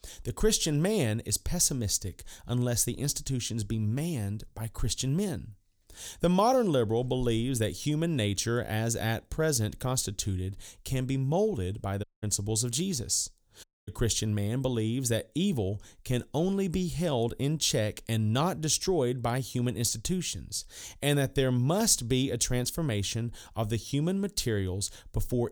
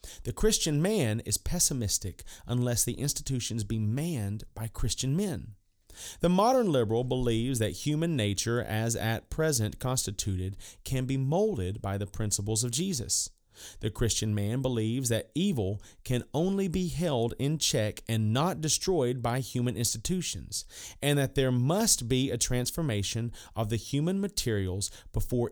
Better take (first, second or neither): second